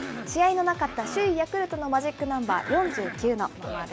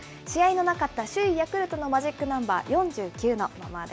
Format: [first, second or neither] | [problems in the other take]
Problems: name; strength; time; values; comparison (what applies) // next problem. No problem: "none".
second | background sound (Cough); 12 dB below the speech